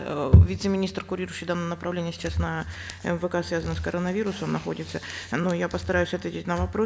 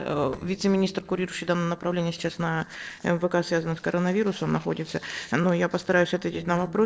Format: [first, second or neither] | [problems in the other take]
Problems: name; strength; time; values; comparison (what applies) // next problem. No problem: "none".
first | noise reduction (neural separator model SepFormer DNS4)